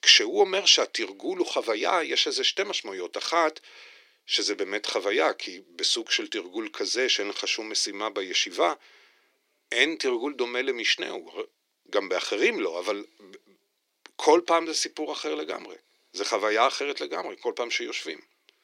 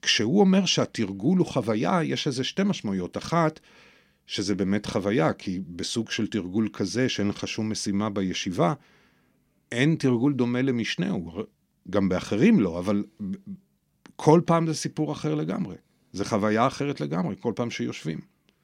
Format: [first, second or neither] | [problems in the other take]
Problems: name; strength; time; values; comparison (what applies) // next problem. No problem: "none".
second | thin; very; fading below 350 Hz